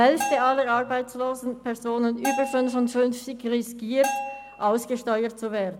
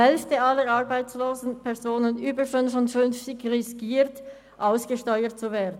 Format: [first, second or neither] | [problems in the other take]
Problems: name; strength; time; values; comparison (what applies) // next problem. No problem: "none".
second | background sound (Bell); 10 dB below the speech